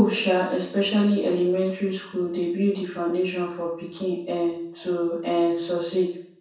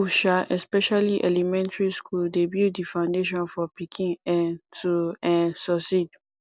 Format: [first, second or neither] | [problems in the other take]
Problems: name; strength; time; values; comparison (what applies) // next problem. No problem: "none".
second | room echo; dies away in 0.6 s